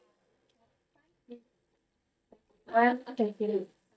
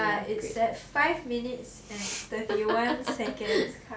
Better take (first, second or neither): second